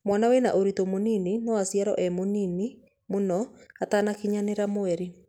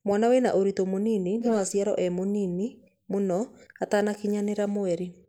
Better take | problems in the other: first | noise reduction (neural mask model Resemble Enhance denoiser)

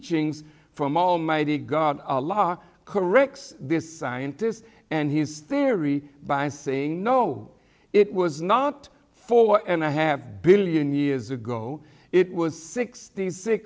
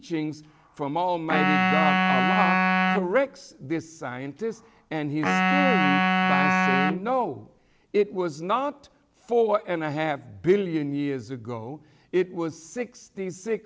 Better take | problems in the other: first | background sound (Wind instrument, woodwind instrument); 4 dB above the speech

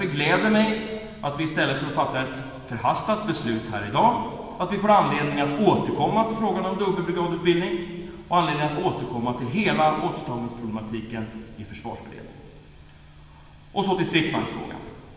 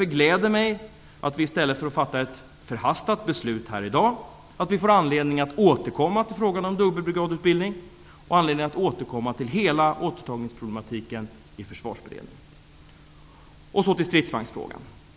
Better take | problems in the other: second | room echo; dies away in 1.7 s

